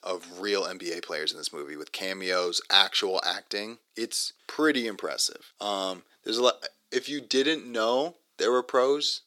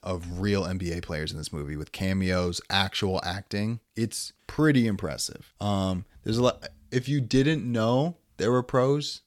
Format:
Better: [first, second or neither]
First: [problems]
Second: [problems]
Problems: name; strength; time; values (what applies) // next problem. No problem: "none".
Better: second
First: thin; somewhat; fading below 350 Hz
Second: none